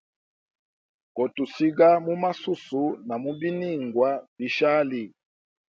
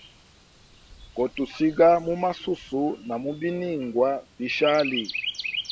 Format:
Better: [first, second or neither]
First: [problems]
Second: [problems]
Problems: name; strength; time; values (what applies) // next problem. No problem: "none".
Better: first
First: none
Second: background sound (Chirp, tweet); 12 dB below the speech